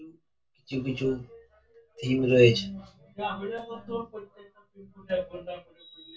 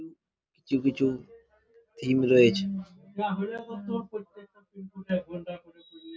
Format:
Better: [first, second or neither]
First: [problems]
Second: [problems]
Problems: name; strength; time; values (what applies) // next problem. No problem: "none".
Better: second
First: room echo; dies away in 0.2 s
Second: none